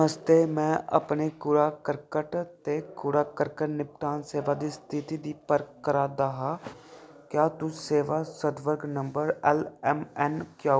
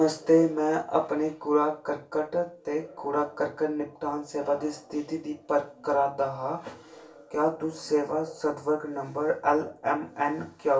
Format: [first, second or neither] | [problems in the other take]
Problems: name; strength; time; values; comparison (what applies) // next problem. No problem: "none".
first | room echo; dies away in 0.3 s